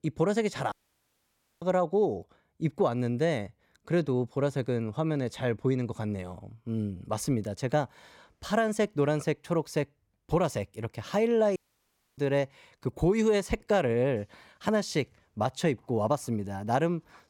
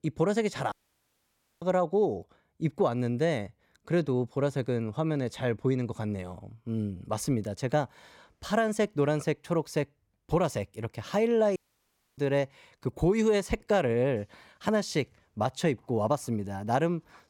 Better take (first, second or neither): neither